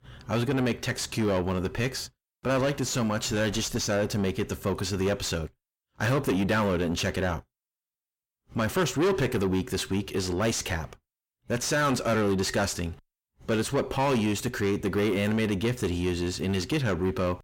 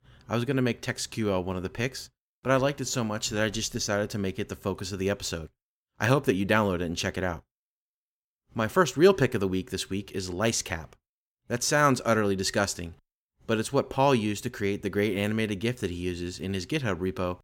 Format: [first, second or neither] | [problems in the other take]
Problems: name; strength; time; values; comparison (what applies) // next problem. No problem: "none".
second | distortion; heavy; 6 dB below the speech